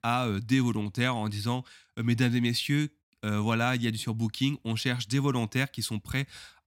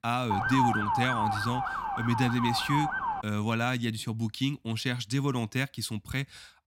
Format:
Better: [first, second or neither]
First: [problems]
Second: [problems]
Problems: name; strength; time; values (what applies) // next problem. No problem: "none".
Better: first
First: none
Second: siren; loud; until 3 s; peak 4 dB above the speech